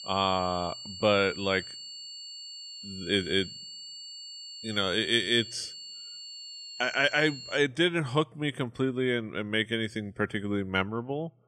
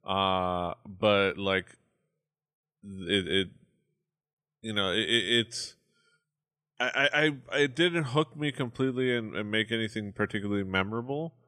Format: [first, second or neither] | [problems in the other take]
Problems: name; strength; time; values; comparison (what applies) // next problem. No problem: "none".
second | high-pitched whine; noticeable; until 7.5 s; 4.5 kHz, 10 dB below the speech